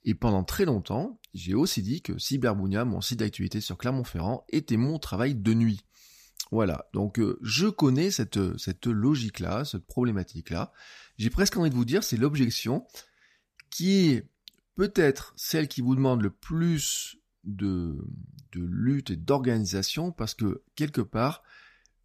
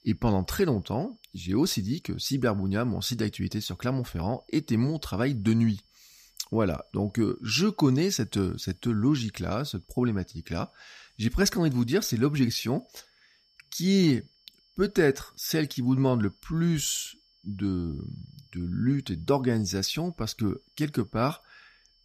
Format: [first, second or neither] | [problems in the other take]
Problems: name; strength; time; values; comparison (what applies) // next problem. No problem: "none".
first | high-pitched whine; faint; throughout; 5.5 kHz, 35 dB below the speech